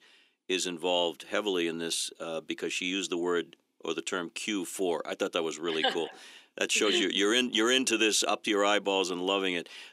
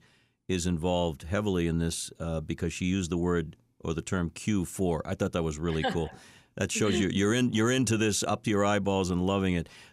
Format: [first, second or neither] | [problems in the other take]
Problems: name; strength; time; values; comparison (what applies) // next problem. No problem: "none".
second | thin; somewhat; fading below 300 Hz